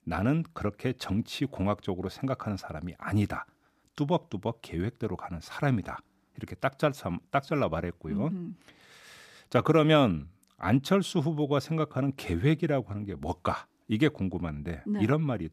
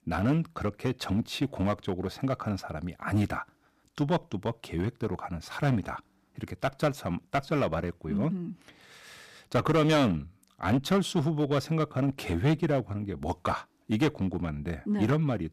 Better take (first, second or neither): first